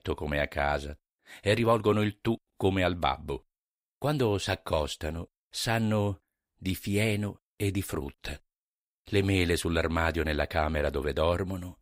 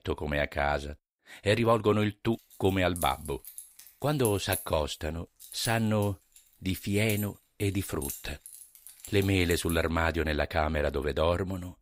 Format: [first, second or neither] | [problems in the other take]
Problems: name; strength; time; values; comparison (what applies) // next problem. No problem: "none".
first | jangling keys; noticeable; from 2.5 to 10 s; peak 5 dB below the speech